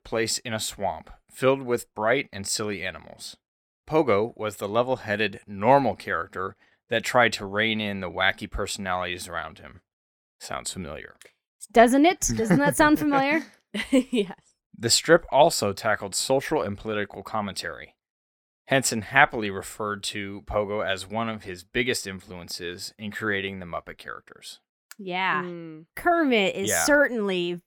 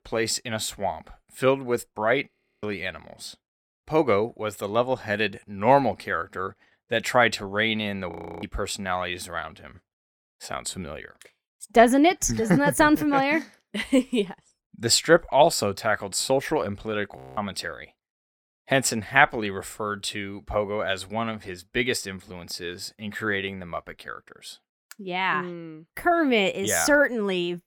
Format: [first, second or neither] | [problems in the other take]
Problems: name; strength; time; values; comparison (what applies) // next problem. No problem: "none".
first | audio freezing; at 2.5 s, at 8 s and at 17 s